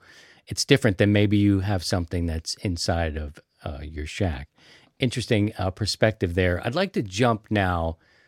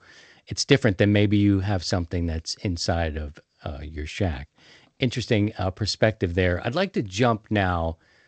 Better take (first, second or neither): first